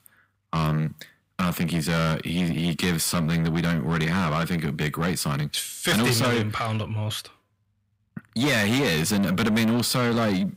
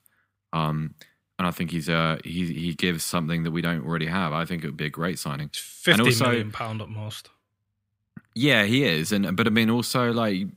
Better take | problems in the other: second | distortion; heavy; 6 dB below the speech

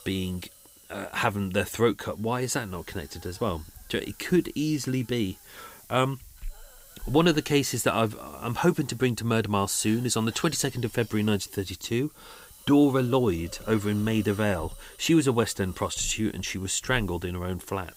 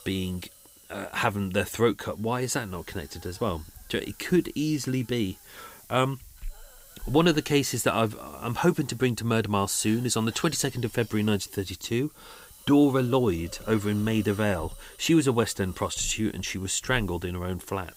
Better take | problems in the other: neither | hiss; faint; throughout; 20 dB below the speech; the same in both

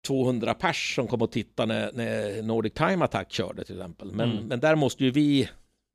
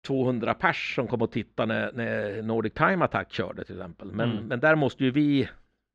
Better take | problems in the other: first | muffled; slightly; fading above 3 kHz

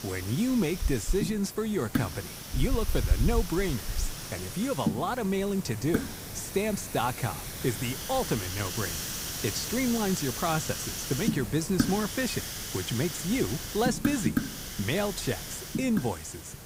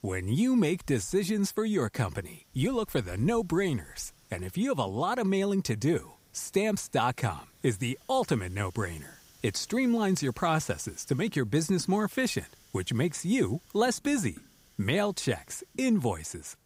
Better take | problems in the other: second | hiss; loud; throughout; 3 dB below the speech; faint in the second

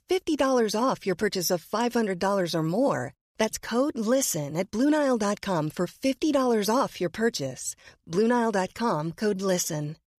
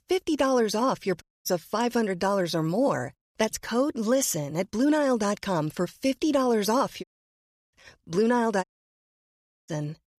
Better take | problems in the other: first | audio cutting out; at 1 s, at 7 s for 0.5 s and at 8.5 s for 1 s

